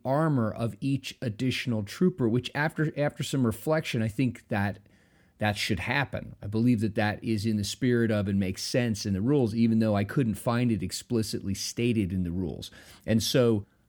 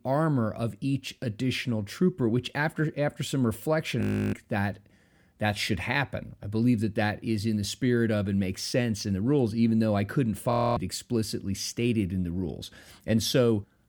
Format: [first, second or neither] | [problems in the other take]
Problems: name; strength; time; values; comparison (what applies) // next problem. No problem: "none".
first | audio freezing; at 4 s and at 11 s